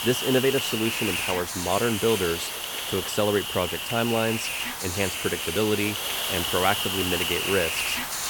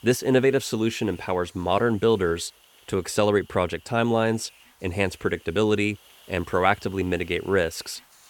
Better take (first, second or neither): second